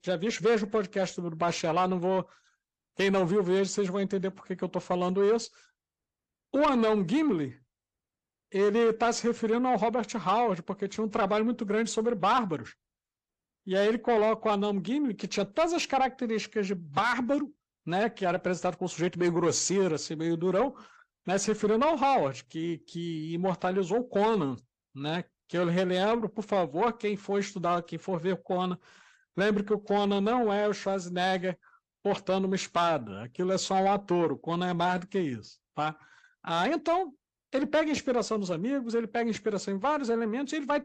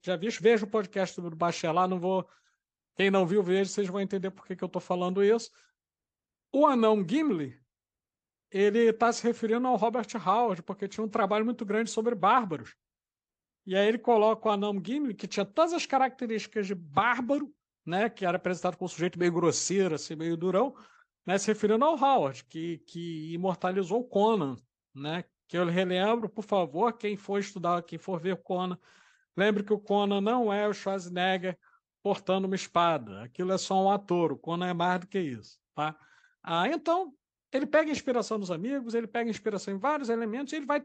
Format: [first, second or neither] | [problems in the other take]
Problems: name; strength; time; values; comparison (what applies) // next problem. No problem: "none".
second | distortion; slight; 10 dB below the speech